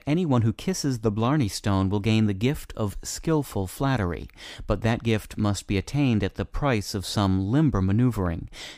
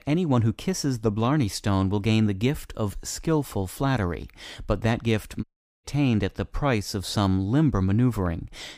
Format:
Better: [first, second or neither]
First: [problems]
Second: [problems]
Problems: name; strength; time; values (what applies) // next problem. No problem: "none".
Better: first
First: none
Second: audio cutting out; at 5.5 s